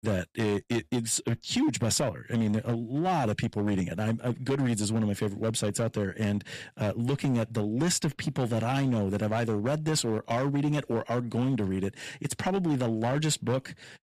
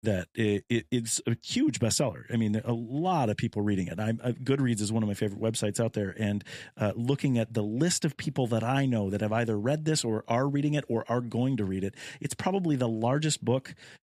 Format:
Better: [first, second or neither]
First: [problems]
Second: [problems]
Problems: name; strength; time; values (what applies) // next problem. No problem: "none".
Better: second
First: distortion; slight; 10% of the sound clipped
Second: none